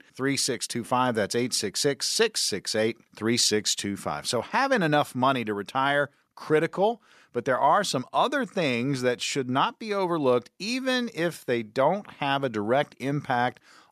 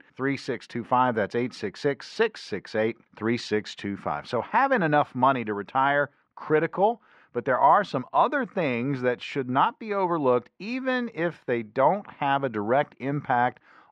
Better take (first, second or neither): first